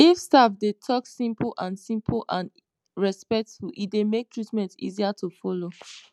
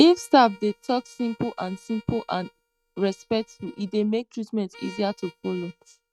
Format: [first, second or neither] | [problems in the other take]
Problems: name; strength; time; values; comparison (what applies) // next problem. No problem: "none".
first | noise reduction (neural mask model RNNoise)